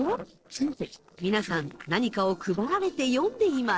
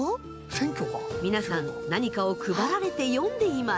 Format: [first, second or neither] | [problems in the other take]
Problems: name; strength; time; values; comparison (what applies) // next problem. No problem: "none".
second | noise reduction (neural separator model SepFormer DNS4)